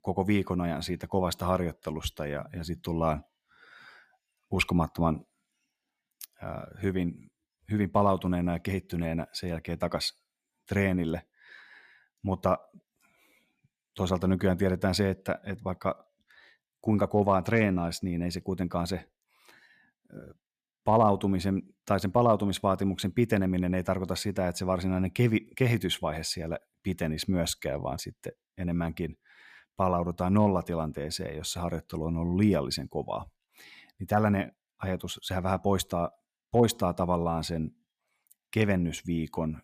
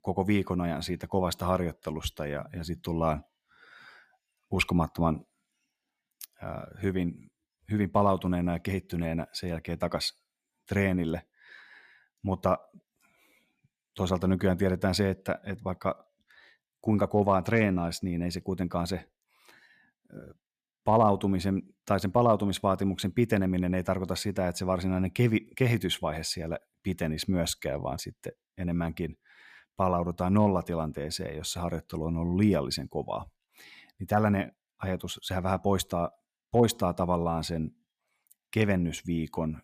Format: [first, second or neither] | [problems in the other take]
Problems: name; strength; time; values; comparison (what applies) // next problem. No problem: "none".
neither | none